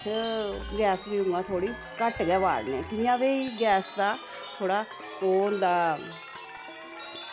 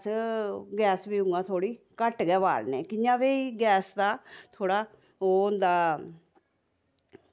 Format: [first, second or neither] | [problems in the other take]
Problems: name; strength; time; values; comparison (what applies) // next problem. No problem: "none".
second | background sound (Chime); 13 dB below the speech